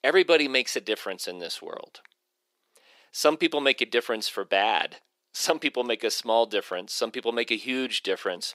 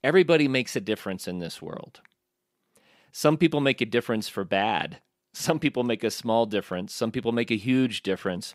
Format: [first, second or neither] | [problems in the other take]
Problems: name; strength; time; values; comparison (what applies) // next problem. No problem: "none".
second | thin; somewhat; fading below 400 Hz